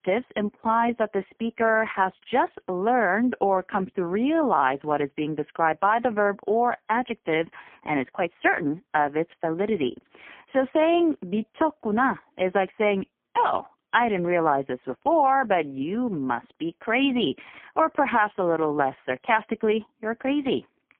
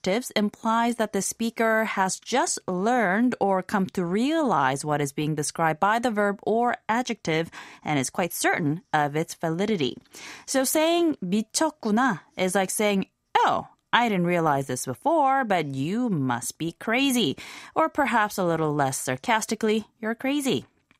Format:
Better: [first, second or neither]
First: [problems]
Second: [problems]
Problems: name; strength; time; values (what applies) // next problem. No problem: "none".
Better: second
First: phone-call audio; poor line; nothing above 3.5 kHz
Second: none